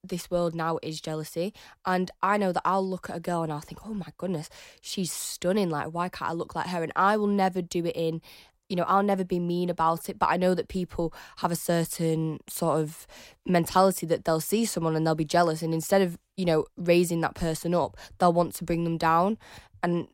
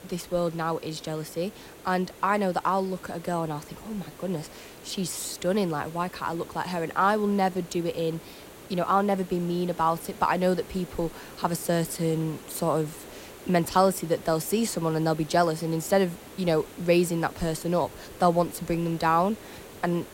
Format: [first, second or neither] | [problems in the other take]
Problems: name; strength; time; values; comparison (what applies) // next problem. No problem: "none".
first | hiss; noticeable; throughout; 20 dB below the speech